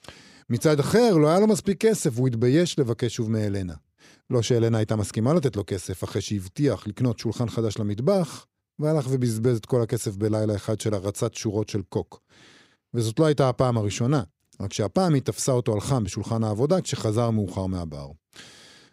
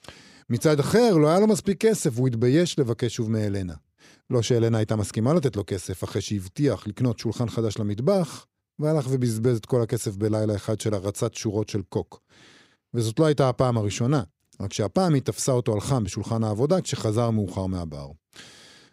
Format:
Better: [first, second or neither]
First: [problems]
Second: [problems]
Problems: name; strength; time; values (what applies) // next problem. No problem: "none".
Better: neither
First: none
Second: none